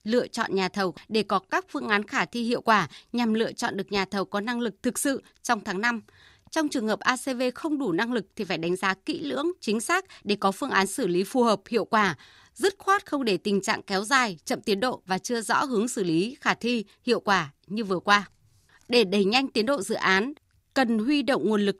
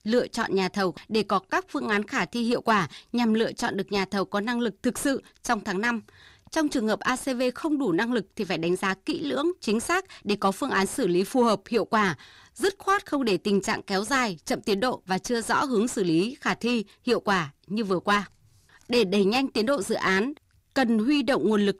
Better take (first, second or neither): first